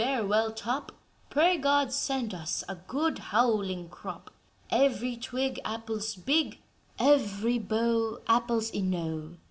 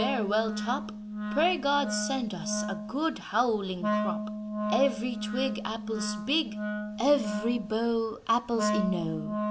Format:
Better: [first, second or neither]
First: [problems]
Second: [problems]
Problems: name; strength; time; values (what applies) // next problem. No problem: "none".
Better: first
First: none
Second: background sound (Wind instrument, woodwind instrument); 4 dB below the speech